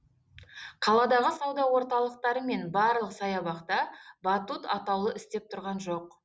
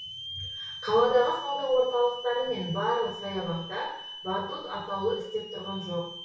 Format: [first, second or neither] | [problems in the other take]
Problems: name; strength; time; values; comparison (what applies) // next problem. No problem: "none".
first | background sound (Hiss / Alarm); 12 dB below the speech // room echo; dies away in 0.6 s